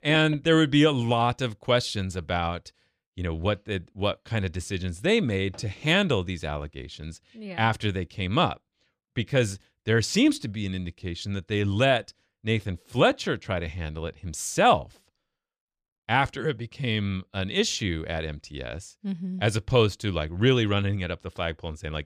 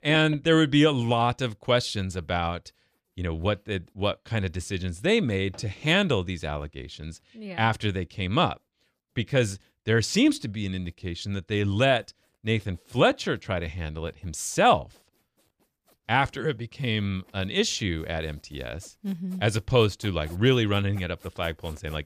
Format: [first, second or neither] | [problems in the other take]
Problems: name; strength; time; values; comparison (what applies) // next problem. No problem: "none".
first | machinery noise; faint; throughout; 30 dB below the speech